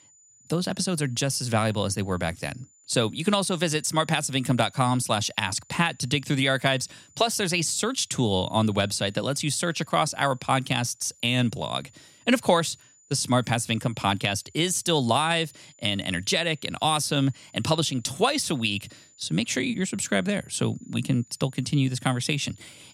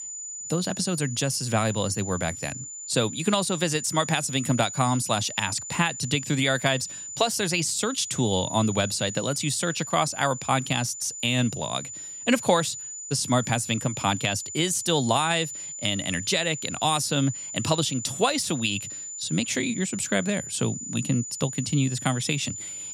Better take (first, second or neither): first